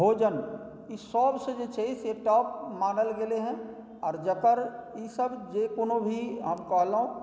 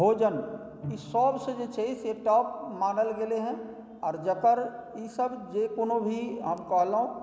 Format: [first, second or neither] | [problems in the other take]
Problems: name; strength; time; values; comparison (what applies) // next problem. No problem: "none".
first | background sound (Bowed string instrument); 17 dB below the speech